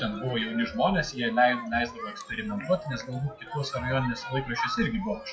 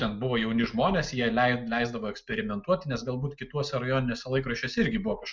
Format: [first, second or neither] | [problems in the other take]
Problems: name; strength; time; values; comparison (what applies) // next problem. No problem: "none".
second | noise reduction (classical method WPE with log-MMSE)